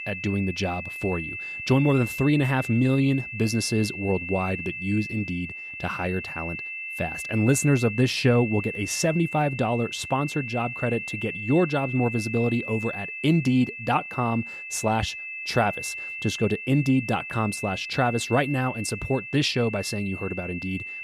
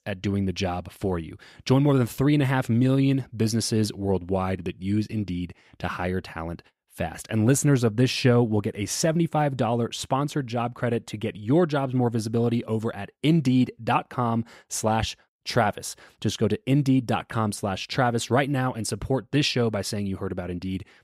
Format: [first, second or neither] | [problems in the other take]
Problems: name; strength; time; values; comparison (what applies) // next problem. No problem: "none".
second | high-pitched whine; loud; throughout; 2.5 kHz, 7 dB below the speech